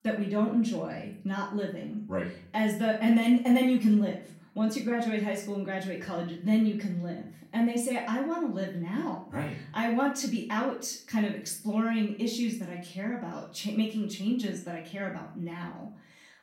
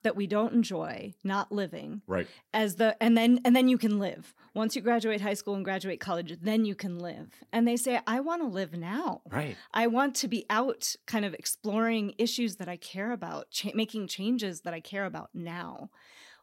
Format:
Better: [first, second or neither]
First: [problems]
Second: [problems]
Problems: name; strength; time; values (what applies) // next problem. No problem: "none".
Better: second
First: off-mic speech; far // room echo; slight; dies away in 0.5 s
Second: none